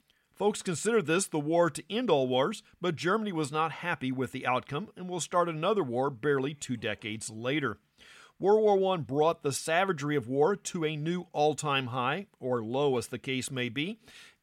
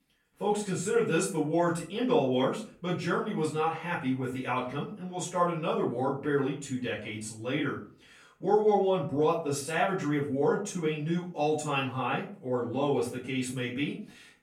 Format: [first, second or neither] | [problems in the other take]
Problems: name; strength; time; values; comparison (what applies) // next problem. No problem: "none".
first | off-mic speech; far // room echo; slight; dies away in 0.3 s